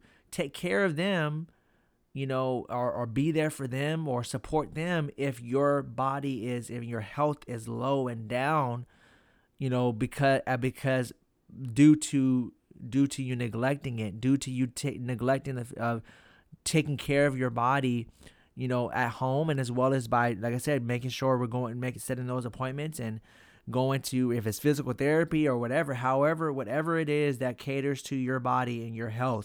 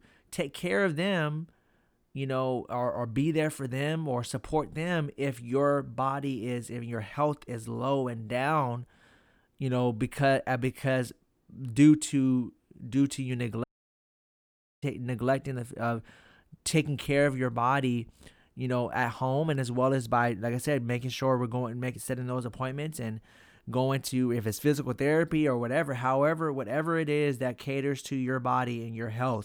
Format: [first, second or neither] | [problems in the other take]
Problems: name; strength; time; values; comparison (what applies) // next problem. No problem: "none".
first | audio cutting out; at 14 s for 1 s